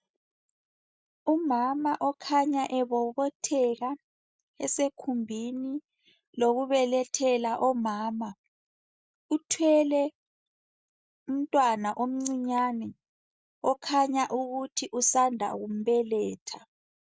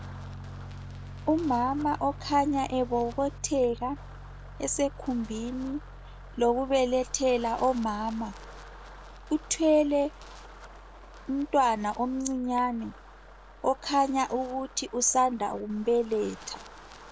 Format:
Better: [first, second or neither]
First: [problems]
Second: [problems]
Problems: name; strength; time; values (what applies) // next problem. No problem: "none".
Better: first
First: none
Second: background sound (Piano + Wind); 15 dB below the speech